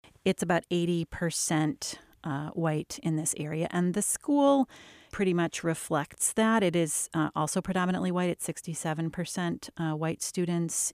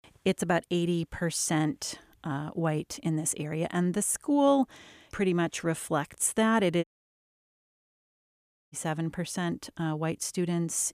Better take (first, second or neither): first